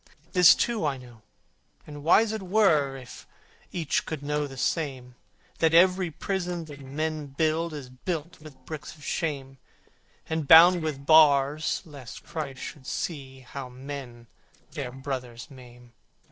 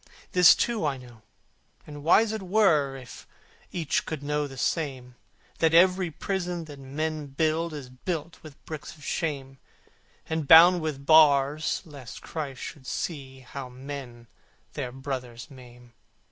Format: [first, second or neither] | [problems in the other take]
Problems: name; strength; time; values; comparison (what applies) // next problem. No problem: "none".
second | noise reduction (neural separator model SepFormer DNS4)